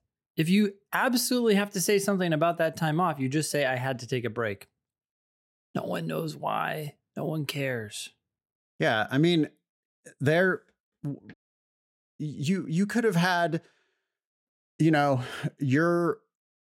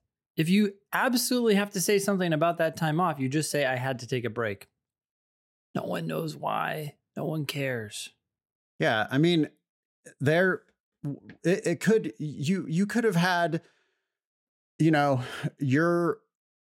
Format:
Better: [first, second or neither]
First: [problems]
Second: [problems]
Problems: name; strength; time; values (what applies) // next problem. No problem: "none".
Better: second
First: audio cutting out; at 11 s for 1 s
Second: none